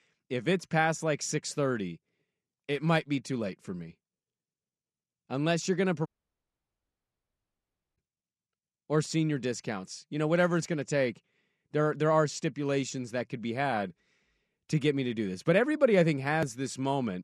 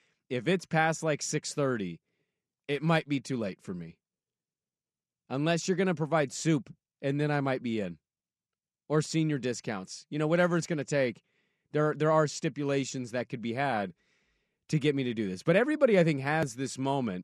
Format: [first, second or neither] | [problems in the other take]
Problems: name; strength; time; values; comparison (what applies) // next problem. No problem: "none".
second | audio cutting out; at 6 s for 2 s